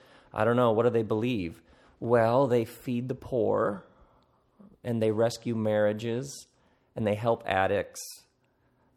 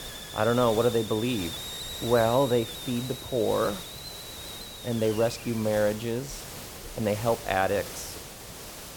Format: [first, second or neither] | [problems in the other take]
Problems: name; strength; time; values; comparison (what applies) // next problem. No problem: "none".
first | hiss; loud; throughout; 10 dB below the speech